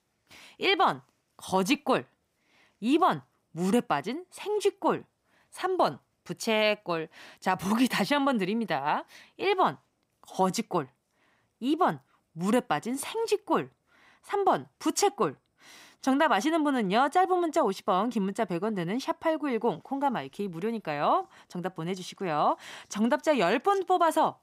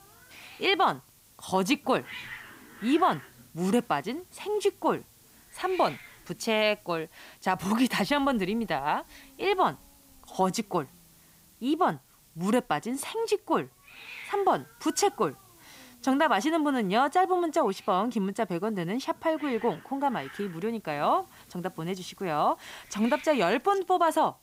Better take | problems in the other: first | hiss; faint; throughout; 20 dB below the speech

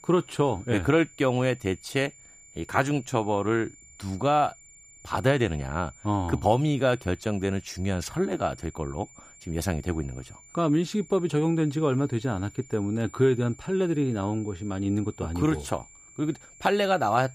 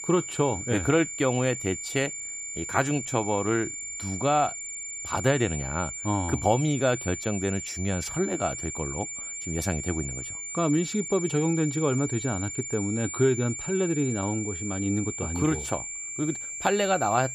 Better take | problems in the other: first | high-pitched whine; loud; throughout; 7 kHz, 6 dB below the speech; faint in the first

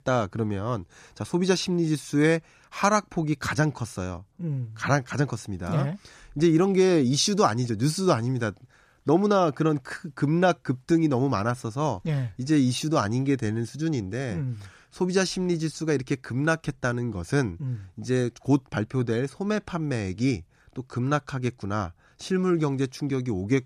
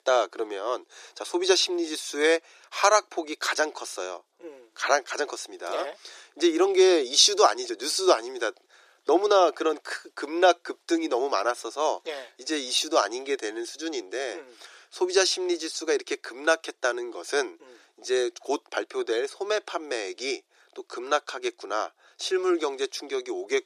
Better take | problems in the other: first | thin; very; fading below 350 Hz

